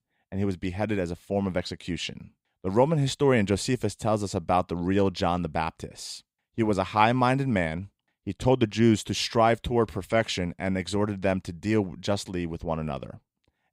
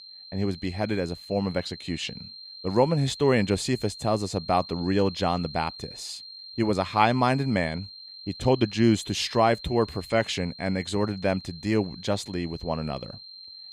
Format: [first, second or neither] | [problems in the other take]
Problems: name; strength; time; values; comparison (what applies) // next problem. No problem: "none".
first | high-pitched whine; noticeable; throughout; 4 kHz, 15 dB below the speech